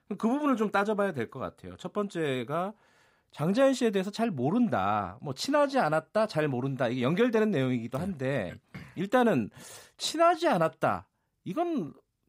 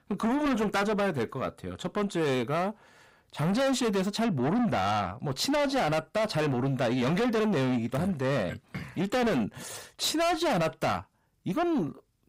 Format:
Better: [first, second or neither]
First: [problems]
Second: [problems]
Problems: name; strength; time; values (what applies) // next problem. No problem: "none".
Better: first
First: none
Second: distortion; heavy; 6 dB below the speech